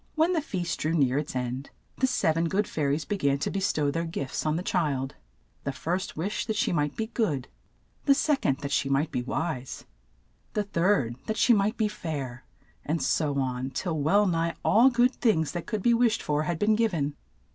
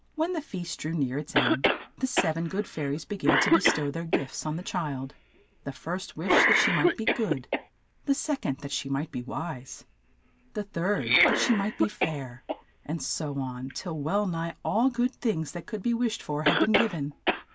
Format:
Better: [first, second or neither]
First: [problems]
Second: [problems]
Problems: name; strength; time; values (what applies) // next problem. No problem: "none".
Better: first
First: none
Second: background sound (Cough); 1 dB below the speech